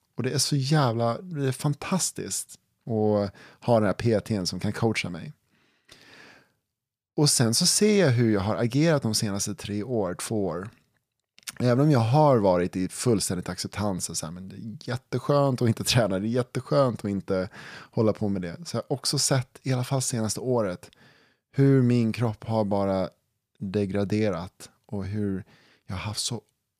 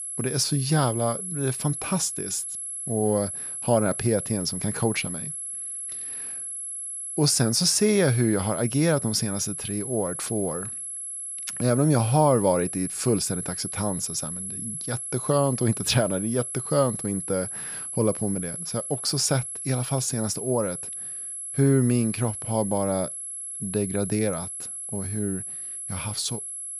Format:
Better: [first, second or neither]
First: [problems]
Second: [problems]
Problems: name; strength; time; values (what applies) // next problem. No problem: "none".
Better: first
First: none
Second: high-pitched whine; loud; throughout; 11 kHz, 6 dB below the speech